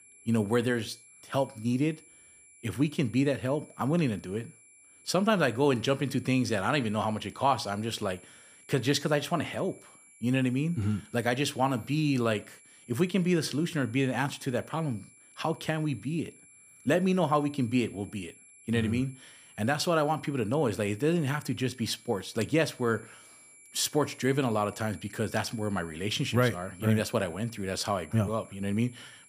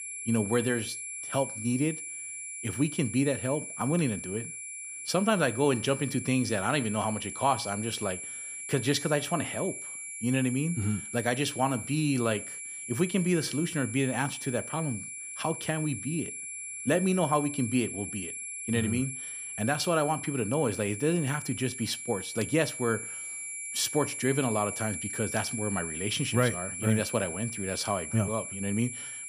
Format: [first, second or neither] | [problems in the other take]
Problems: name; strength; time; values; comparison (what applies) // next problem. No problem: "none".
first | high-pitched whine; loud; throughout; 11 kHz, 6 dB below the speech; faint in the first